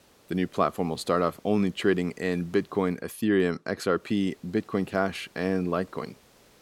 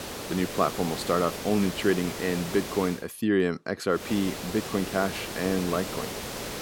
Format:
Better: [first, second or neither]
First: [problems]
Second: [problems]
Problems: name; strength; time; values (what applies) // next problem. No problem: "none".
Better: first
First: hiss; faint; until 3 s and from 4 s on; 30 dB below the speech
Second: hiss; loud; until 3 s and from 4 s on; 7 dB below the speech